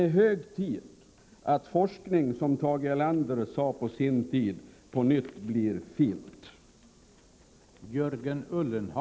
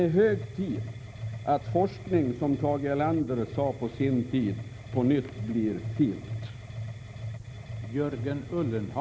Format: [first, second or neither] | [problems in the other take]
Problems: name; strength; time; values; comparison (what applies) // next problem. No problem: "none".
first | background sound (Mechanisms); 9 dB below the speech